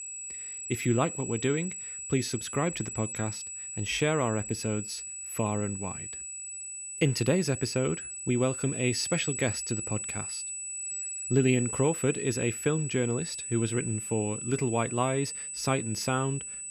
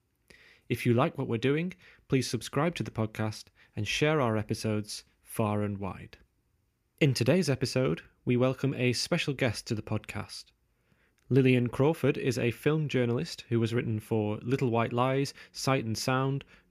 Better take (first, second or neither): second